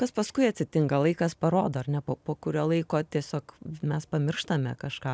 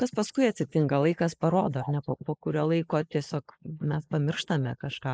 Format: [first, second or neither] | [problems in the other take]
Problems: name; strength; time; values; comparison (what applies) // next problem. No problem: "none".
first | noise reduction (neural mask model Resemble Enhance denoiser)